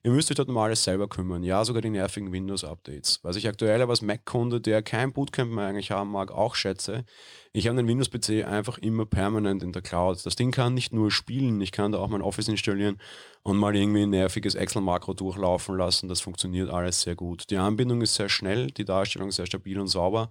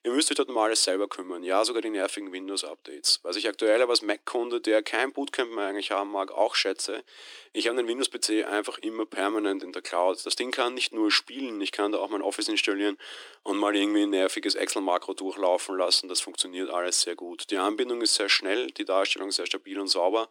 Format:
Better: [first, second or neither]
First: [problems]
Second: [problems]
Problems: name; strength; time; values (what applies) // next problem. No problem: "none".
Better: first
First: none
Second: thin; somewhat; fading below 300 Hz